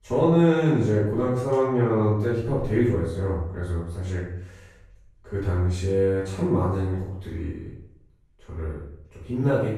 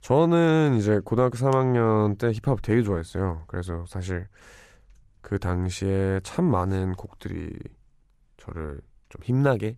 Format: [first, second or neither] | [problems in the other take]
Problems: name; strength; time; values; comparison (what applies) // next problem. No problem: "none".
second | off-mic speech; far // room echo; noticeable; dies away in 0.6 s